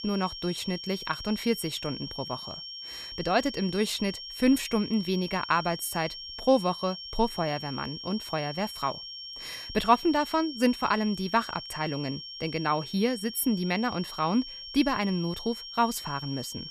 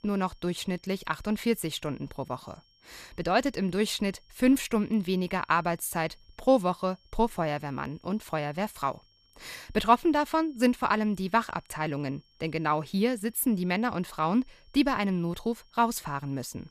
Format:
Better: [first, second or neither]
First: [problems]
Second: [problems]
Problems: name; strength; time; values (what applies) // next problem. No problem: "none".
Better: second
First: high-pitched whine; loud; throughout; 5.5 kHz, 9 dB below the speech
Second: high-pitched whine; faint; throughout; 5.5 kHz, 35 dB below the speech